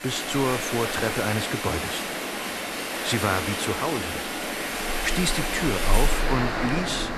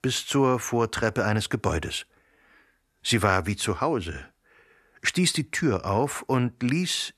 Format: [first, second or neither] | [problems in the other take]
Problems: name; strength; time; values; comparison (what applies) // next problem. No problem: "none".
second | rain or running water; very loud; throughout; as loud as the speech